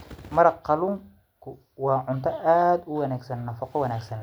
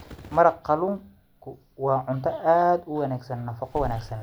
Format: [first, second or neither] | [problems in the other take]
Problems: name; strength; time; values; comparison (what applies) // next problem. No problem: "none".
first | background sound (Growling / Hiss); 19 dB below the speech